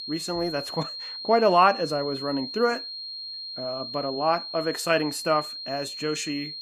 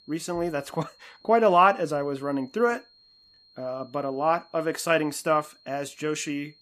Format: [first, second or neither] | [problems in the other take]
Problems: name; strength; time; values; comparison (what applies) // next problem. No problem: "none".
second | high-pitched whine; loud; throughout; 4 kHz, 8 dB below the speech; faint in the second